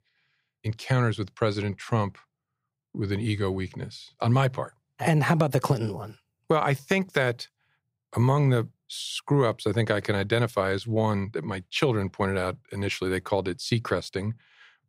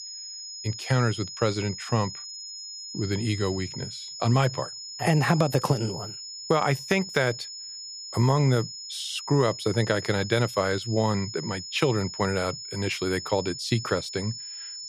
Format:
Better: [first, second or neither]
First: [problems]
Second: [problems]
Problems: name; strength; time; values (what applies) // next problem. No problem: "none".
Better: first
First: none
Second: high-pitched whine; loud; throughout; 5 kHz, 9 dB below the speech